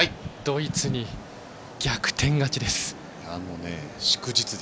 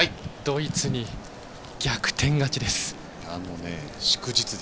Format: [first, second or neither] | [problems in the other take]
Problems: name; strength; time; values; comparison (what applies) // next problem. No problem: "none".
first | background sound (Crumpling, crinkling); 20 dB below the speech